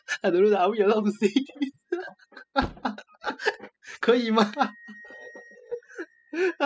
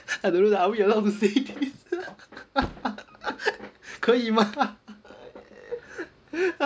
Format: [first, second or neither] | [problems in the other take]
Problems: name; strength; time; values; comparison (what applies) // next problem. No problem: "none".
second | noise reduction (classical method spectral subtraction)